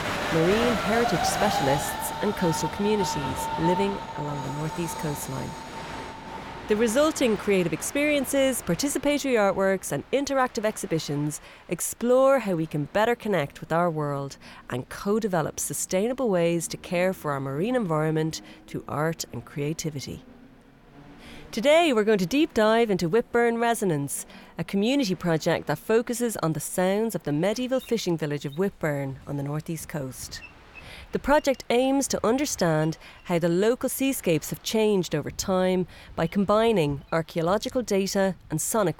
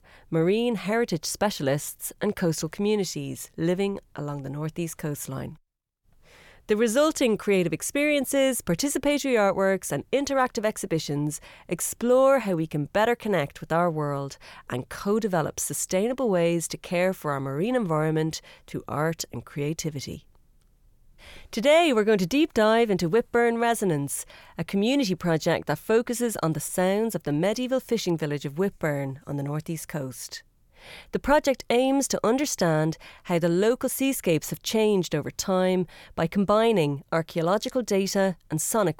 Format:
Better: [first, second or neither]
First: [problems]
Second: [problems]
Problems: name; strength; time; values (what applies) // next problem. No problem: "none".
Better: second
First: train or aircraft noise; loud; throughout; 7 dB below the speech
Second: none